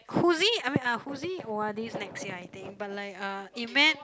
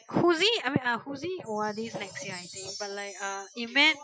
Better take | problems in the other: first | noise reduction (classical method Wiener filter)

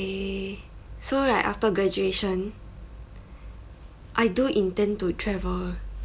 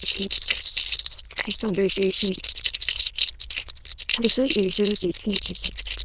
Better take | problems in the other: first | noise reduction (neural diffusion model UNIVERSE++)

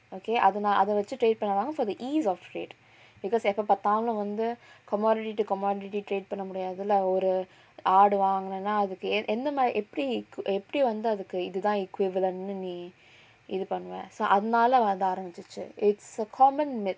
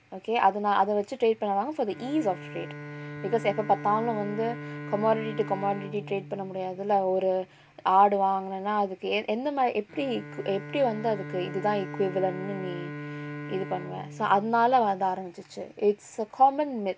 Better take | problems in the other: first | background sound (Bowed string instrument); 14 dB below the speech

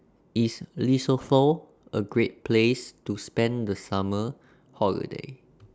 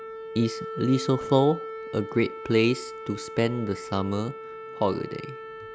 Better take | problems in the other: first | background sound (Wind instrument, woodwind instrument); 10 dB below the speech

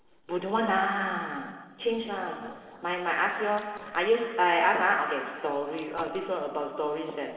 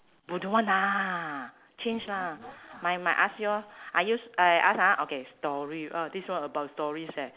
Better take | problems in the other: second | noise reduction (neural separator model SepFormer DNS4)

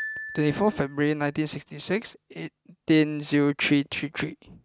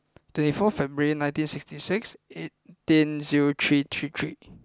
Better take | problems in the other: second | noise reduction (neural mask model RNNoise)

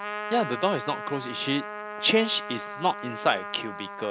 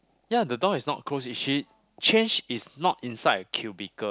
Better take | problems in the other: second | background sound (Trumpet); 8 dB below the speech

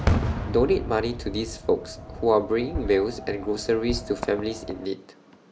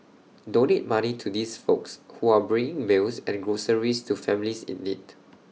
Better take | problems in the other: second | background sound (Fireworks); 5 dB below the speech

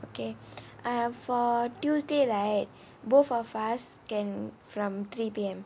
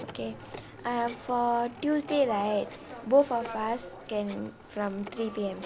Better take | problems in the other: first | background sound (Telephone); 14 dB below the speech

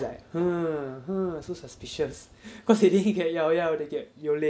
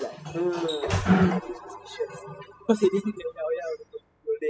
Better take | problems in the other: first | noise reduction (classical method spectral subtraction)

